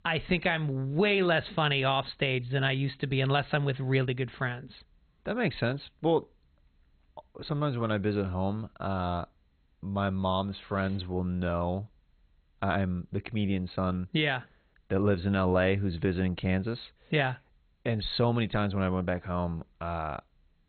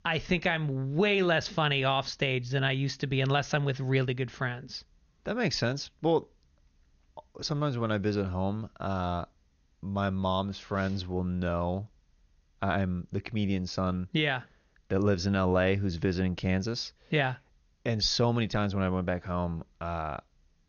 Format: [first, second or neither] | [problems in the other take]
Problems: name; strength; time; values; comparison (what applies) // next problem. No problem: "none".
second | garbled, watery; badly; nothing above 4 kHz; slightly in the second